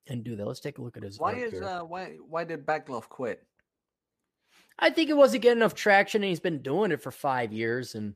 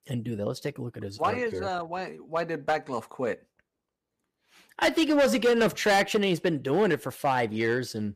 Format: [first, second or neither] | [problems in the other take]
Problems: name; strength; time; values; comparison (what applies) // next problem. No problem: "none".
first | distortion; heavy; 5% of the sound clipped